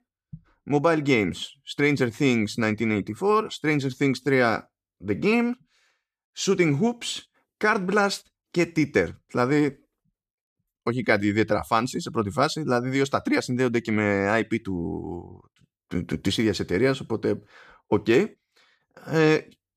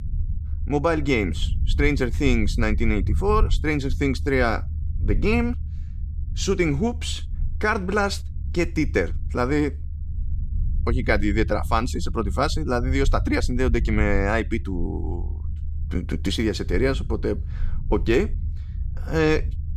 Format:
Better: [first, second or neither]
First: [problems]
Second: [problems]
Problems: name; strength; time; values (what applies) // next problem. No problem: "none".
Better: first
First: none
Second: low rumble; faint; throughout; 20 dB below the speech